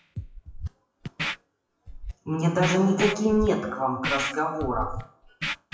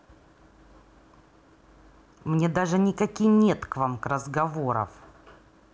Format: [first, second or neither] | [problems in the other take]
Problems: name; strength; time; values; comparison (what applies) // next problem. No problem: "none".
second | noise reduction (classical method WPE with log-MMSE)